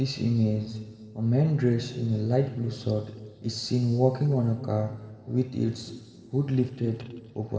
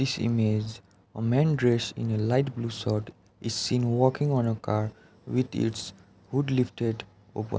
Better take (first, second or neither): second